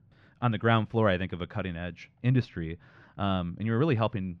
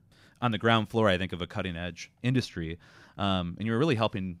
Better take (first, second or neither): second